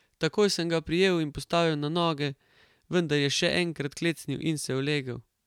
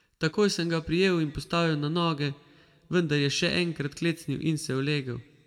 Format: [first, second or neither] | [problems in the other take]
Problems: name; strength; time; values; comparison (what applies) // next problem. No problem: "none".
first | room echo; dies away in 0.5 s